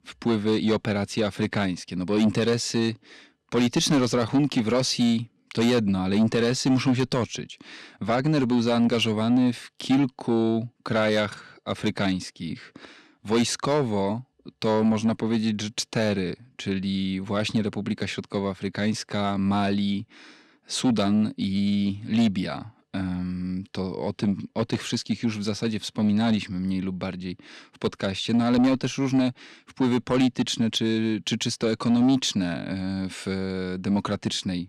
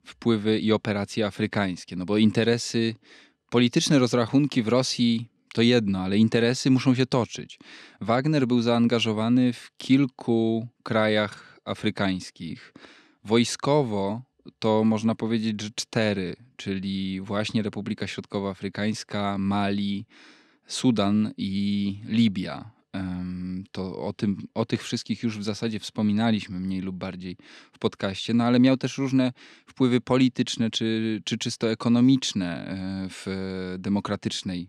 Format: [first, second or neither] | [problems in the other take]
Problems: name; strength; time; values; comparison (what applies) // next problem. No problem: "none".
second | distortion; slight; 10 dB below the speech